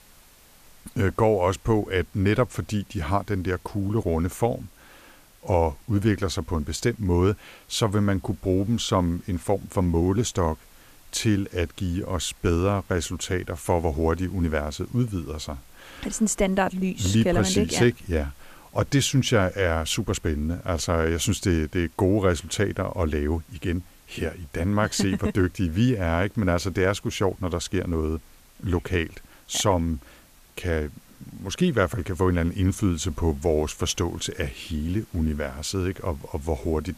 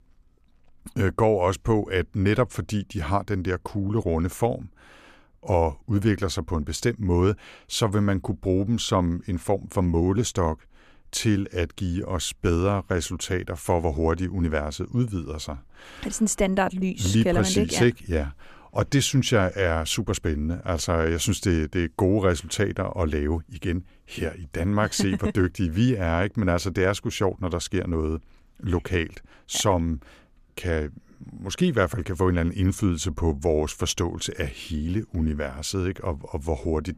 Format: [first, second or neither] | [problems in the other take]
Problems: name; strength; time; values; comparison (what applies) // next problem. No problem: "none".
second | hiss; faint; throughout; 30 dB below the speech